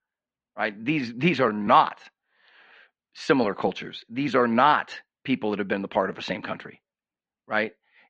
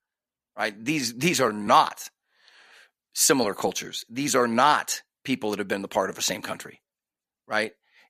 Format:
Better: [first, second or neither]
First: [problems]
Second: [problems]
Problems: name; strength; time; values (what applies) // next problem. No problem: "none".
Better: second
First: muffled; very; fading above 3 kHz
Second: none